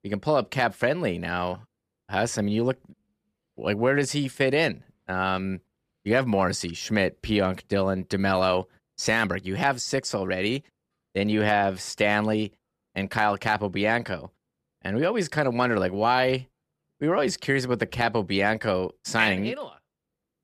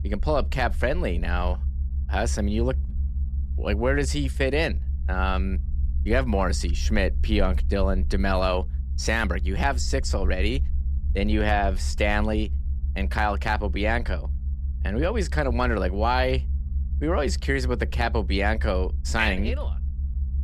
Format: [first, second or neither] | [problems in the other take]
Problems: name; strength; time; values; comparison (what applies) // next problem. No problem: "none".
first | low rumble; faint; throughout; 20 dB below the speech